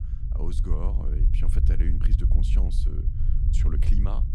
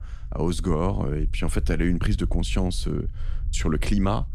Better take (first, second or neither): second